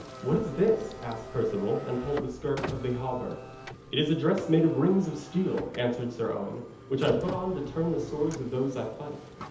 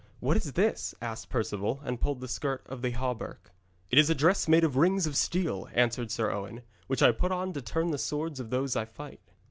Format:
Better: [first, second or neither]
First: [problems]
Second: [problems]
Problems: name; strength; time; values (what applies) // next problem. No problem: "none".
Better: second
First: background sound (Car); 13 dB below the speech // room echo; dies away in 0.8 s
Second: none